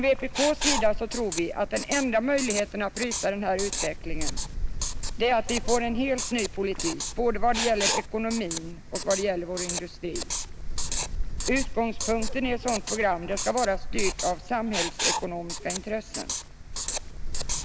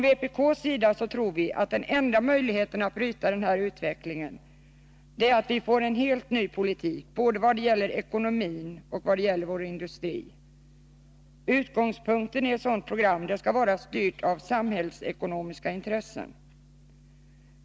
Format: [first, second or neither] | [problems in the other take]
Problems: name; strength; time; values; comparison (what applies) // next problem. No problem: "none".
second | background sound (Wind + Writing); 2 dB below the speech